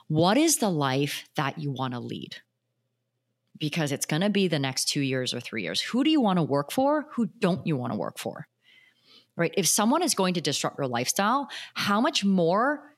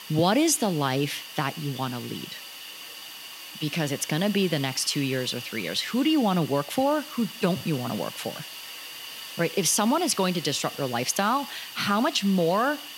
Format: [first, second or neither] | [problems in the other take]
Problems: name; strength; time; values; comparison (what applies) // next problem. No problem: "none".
first | hiss; noticeable; throughout; 10 dB below the speech